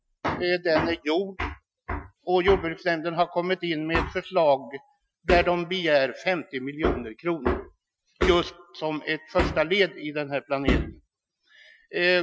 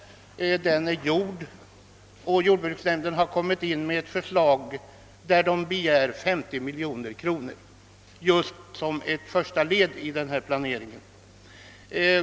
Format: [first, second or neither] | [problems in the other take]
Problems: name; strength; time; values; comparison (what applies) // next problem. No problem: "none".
second | noise reduction (classical method Wiener filter)